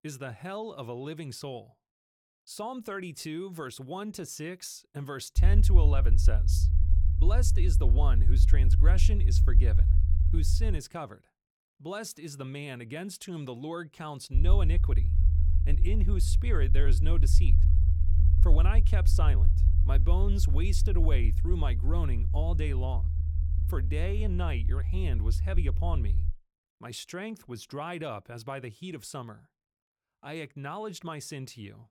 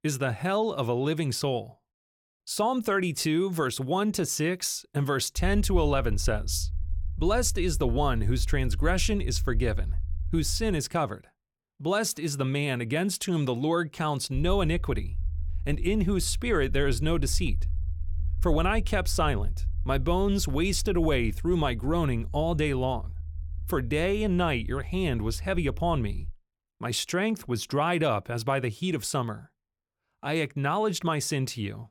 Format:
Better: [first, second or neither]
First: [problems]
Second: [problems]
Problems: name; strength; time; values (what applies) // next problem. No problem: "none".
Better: second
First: low rumble; loud; from 5.5 to 11 s and from 14 to 26 s; 7 dB below the speech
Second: low rumble; faint; from 5.5 to 11 s and from 14 to 26 s; 25 dB below the speech